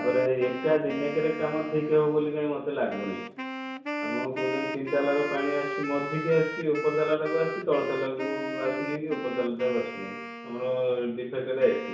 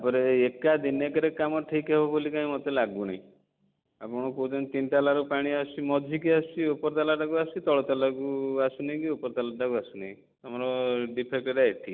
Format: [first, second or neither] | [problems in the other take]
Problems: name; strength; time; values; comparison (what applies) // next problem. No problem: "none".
second | background sound (Wind instrument, woodwind instrument); 8 dB below the speech // room echo; dies away in 0.6 s